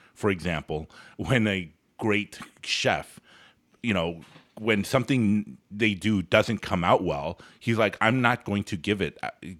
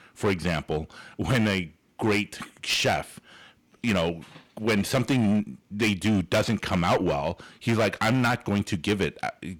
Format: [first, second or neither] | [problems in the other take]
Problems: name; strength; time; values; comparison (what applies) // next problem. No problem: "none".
first | distortion; heavy; 11% of the sound clipped